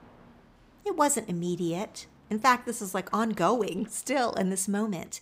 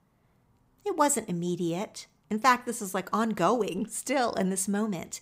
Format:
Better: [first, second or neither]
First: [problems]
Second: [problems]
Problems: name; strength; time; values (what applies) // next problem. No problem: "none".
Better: second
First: train or aircraft noise; faint; throughout; 30 dB below the speech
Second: none